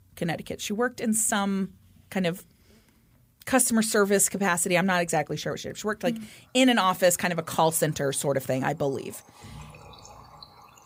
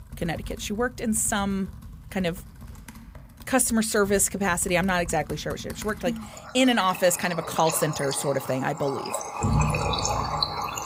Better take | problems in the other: first | household noises; loud; throughout; 6 dB below the speech; faint in the first

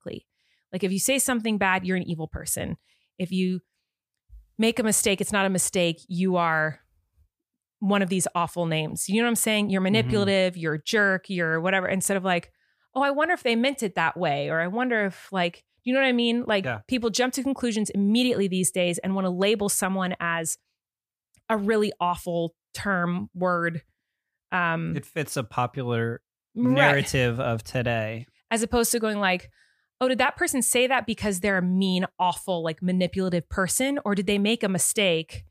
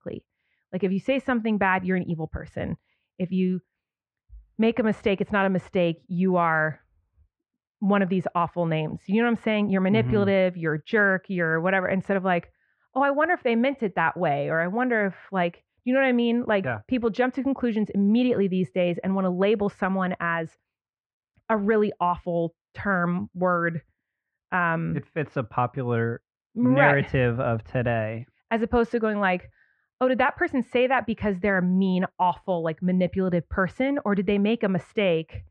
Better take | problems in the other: first | muffled; very; fading above 2 kHz

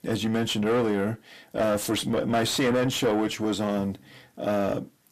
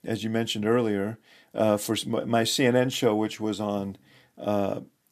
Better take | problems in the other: second | distortion; heavy; 7 dB below the speech

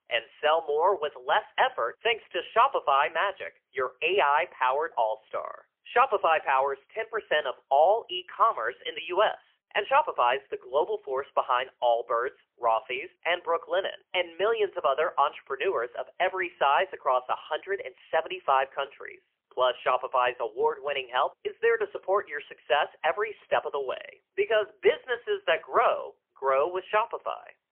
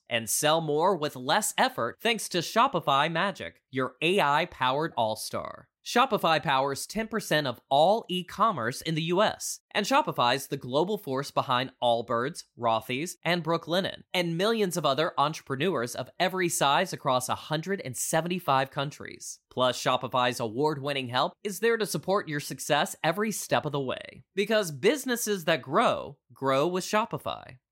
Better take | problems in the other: second | phone-call audio; poor line; nothing above 3 kHz

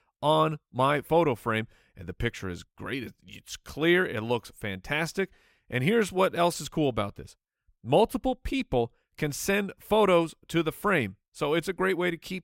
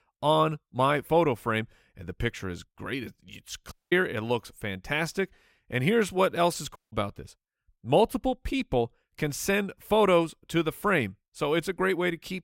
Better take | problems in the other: first | audio cutting out; at 3.5 s and at 7 s

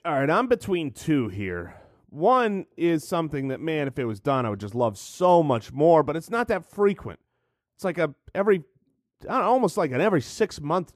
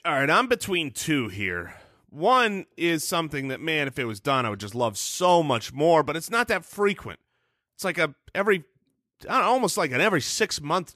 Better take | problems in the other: second | muffled; slightly; fading above 1.5 kHz

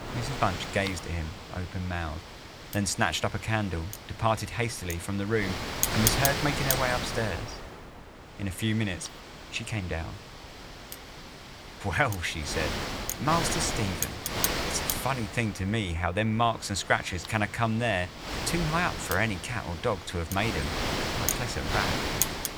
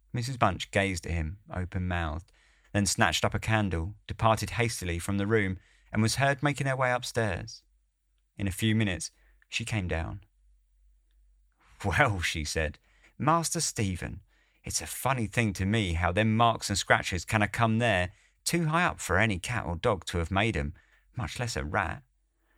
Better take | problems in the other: second | wind noise on the microphone; heavy; 3 dB below the speech

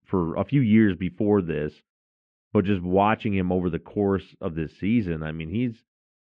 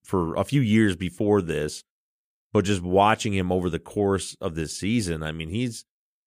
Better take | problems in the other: second | muffled; very; fading above 2.5 kHz

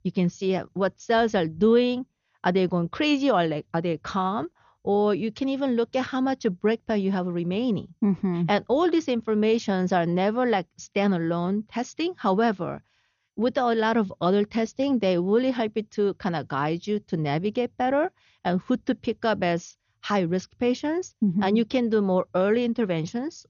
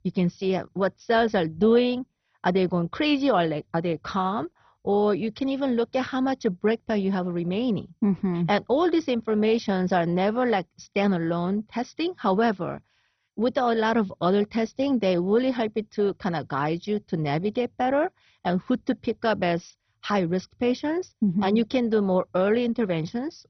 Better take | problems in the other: first | garbled, watery; badly; nothing above 6 kHz; slightly in the first

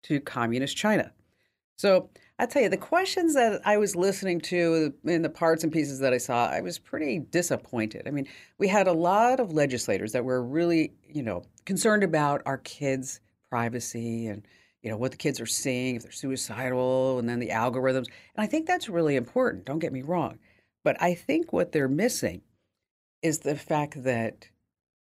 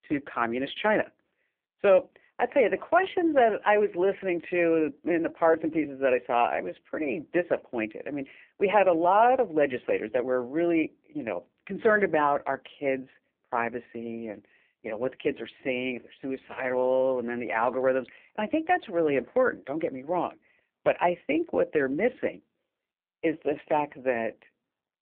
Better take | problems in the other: first | phone-call audio; poor line

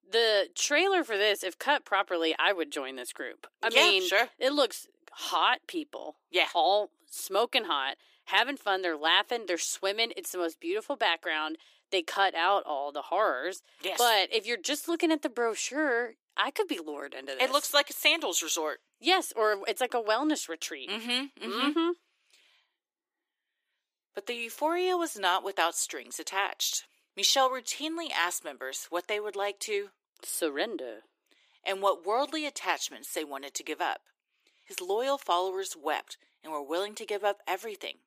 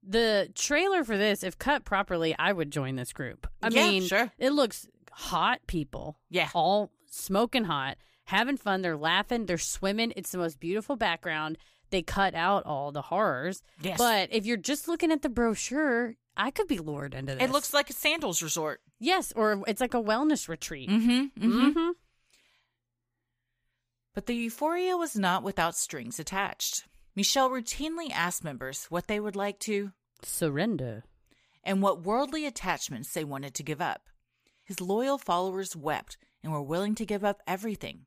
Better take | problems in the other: second | thin; somewhat; fading below 300 Hz

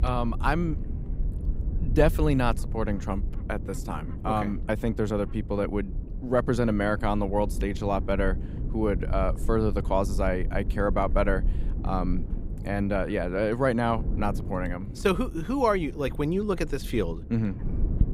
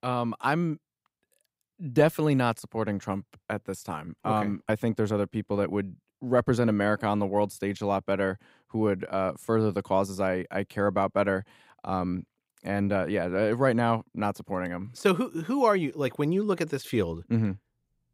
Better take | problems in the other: second | wind noise on the microphone; occasional gusts; 15 dB below the speech

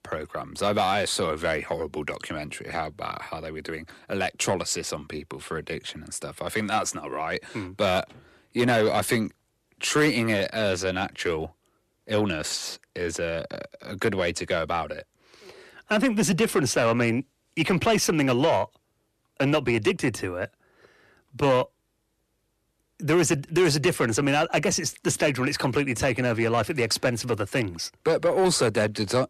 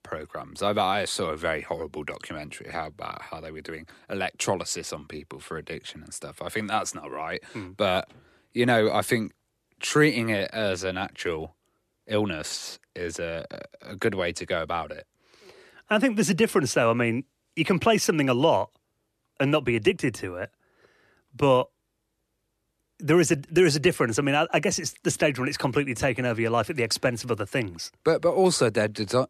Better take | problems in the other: second | distortion; slight; 10 dB below the speech

